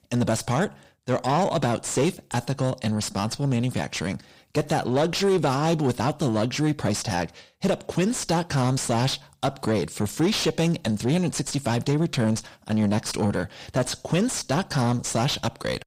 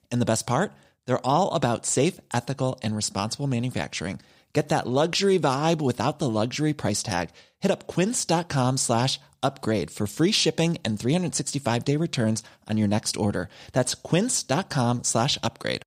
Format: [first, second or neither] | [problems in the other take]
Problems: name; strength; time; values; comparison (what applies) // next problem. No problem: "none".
second | distortion; slight; 9 dB below the speech